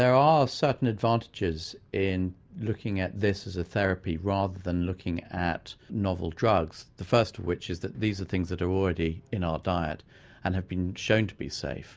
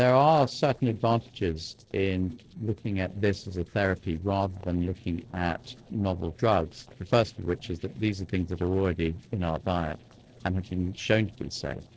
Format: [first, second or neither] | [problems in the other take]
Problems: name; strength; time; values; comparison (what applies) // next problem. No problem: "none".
first | noise reduction (neural separator model SepFormer DNS4)